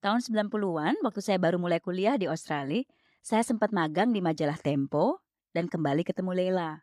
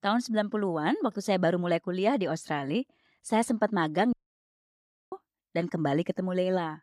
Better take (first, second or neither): first